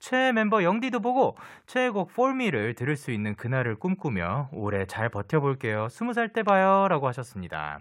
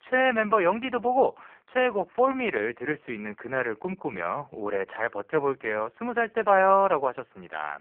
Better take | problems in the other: first | phone-call audio; poor line

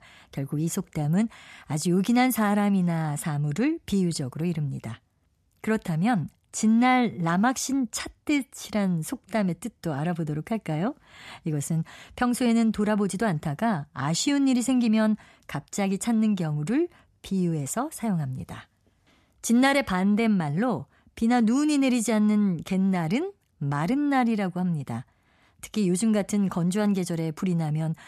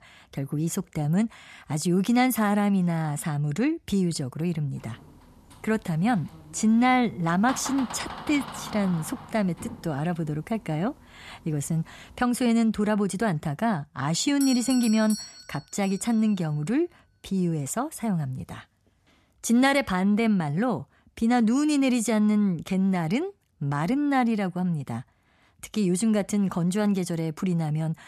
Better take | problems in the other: first | door banging; noticeable; from 5 to 10 s; peak 9 dB below the speech // doorbell; noticeable; from 14 to 16 s; peak 7 dB below the speech

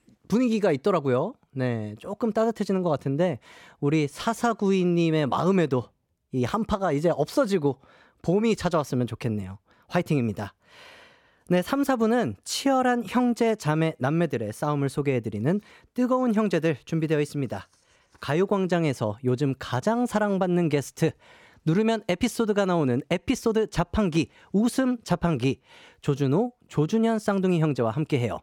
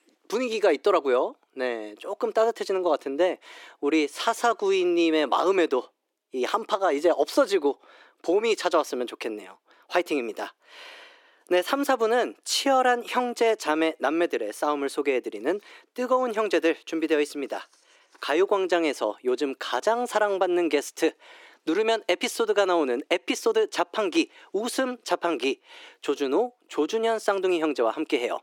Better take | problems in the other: first | thin; somewhat; fading below 300 Hz

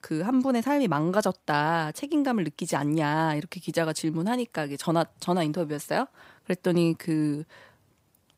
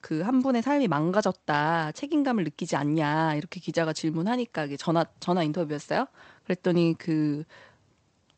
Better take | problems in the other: first | garbled, watery; slightly; nothing above 8 kHz

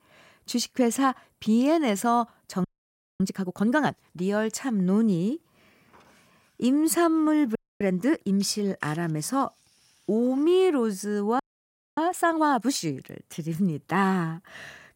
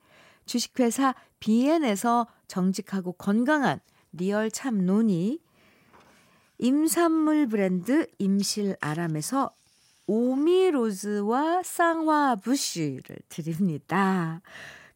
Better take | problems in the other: second | audio freezing; at 2.5 s for 0.5 s, at 7.5 s and at 11 s for 0.5 s

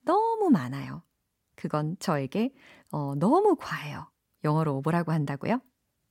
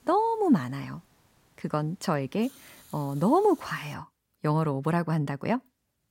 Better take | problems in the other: first | hiss; faint; until 4 s; 25 dB below the speech

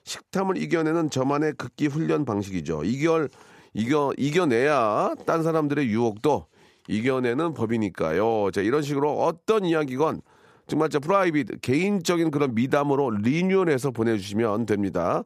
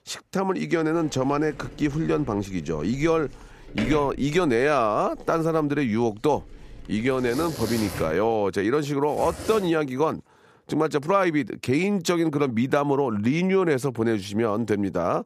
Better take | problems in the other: first | household noises; noticeable; until 9.5 s; 15 dB below the speech

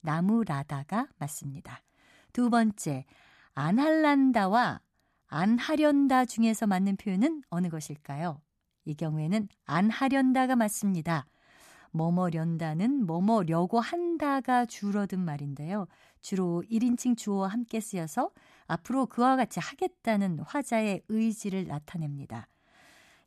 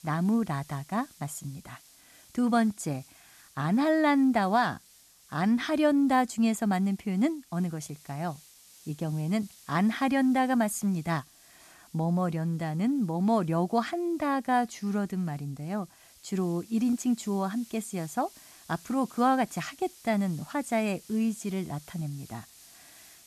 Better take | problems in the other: first | hiss; faint; throughout; 25 dB below the speech

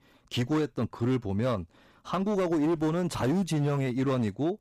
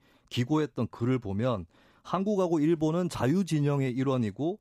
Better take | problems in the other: second | distortion; slight; 15% of the sound clipped

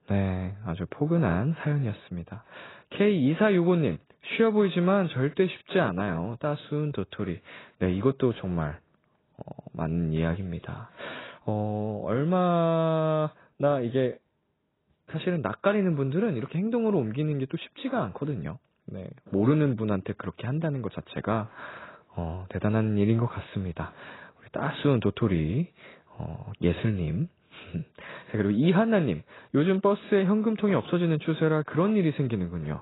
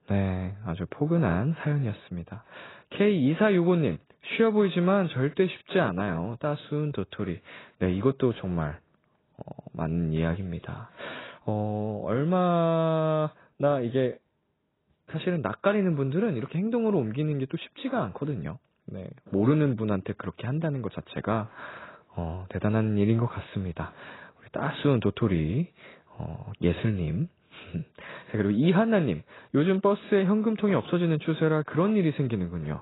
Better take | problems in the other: neither | garbled, watery; badly; nothing above 4 kHz; the same in both

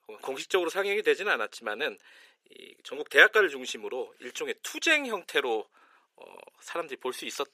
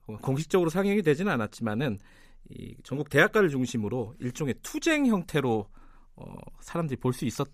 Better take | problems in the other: second | thin; very; fading below 400 Hz

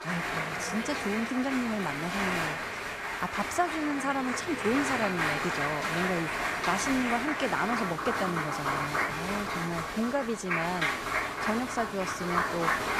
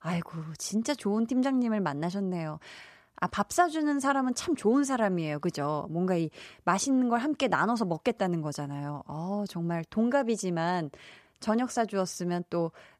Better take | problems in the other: second | crowd noise; very loud; throughout; 2 dB above the speech

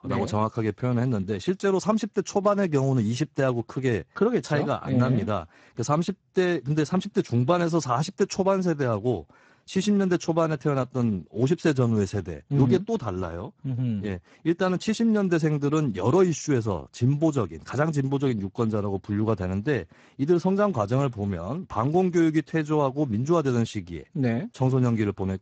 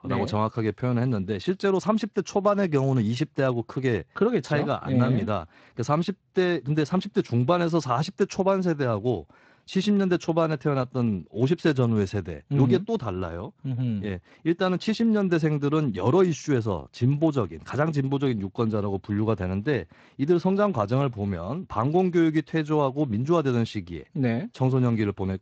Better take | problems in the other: second | garbled, watery; badly; nothing above 7.5 kHz; slightly in the second

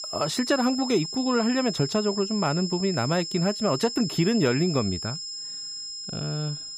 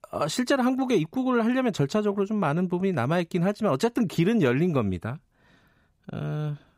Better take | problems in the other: second | high-pitched whine; loud; throughout; 5 kHz, 6 dB below the speech

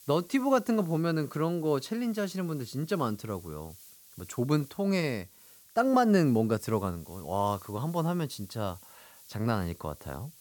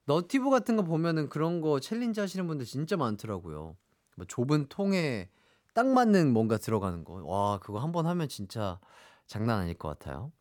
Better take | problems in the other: second | hiss; faint; throughout; 20 dB below the speech

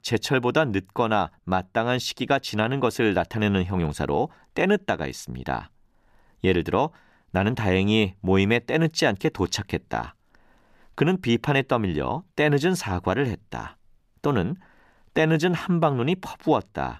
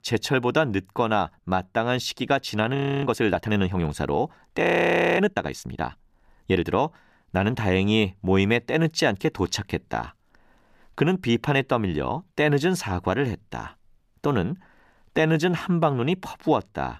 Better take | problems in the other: first | audio freezing; at 3 s and at 4.5 s for 0.5 s

